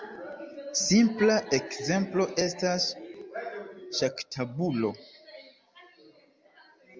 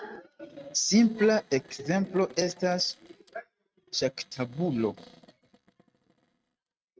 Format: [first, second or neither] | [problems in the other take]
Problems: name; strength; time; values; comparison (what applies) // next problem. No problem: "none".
first | noise reduction (neural mask model RNNoise)